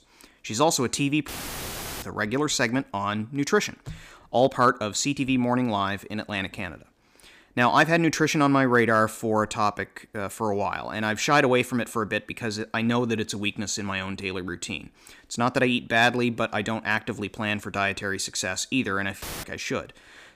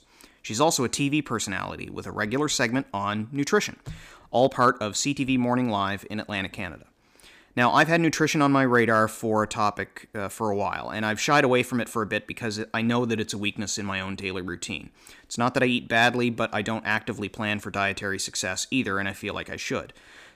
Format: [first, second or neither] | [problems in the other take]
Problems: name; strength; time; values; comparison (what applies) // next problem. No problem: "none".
second | audio cutting out; filled with static; at 1.5 s for 0.5 s and at 19 s